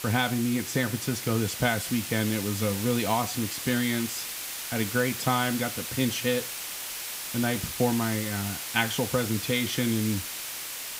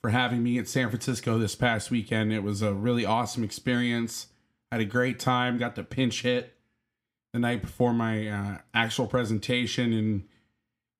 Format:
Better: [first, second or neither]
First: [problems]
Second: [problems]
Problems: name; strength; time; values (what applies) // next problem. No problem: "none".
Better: second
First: hiss; loud; throughout; 5 dB below the speech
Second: none